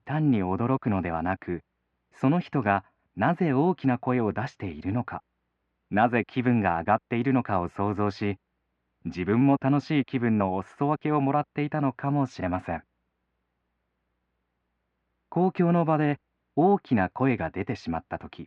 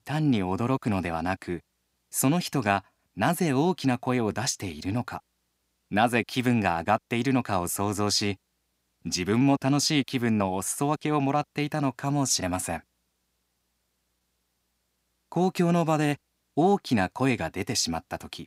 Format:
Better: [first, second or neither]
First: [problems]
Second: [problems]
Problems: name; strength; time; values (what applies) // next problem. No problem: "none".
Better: second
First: muffled; very; fading above 2 kHz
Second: none